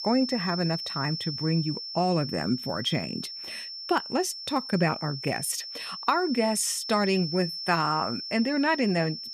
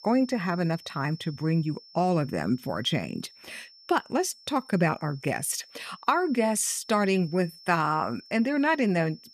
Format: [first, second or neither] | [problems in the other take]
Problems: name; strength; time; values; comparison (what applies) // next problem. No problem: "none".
second | high-pitched whine; loud; throughout; 5.5 kHz, 7 dB below the speech; faint in the second